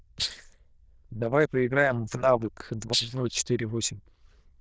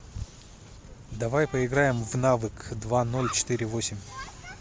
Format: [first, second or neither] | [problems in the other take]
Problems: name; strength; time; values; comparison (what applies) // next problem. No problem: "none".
second | noise reduction (neural diffusion model UNIVERSE++)